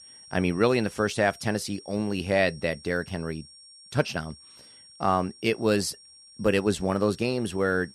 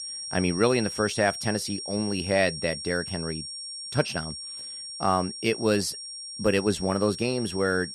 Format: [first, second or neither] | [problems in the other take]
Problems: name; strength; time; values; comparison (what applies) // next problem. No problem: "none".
first | high-pitched whine; loud; throughout; 5.5 kHz, 8 dB below the speech; faint in the first